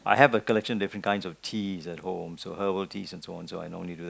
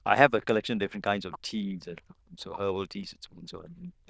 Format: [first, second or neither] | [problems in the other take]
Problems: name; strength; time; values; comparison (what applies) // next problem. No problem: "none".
first | noise reduction (neural diffusion model UNIVERSE++)